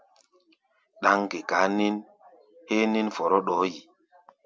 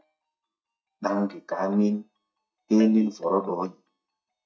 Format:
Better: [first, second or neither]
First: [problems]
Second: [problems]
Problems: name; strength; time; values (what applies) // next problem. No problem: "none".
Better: first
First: none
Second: noise reduction (neural mask model DeepFilterNet 3)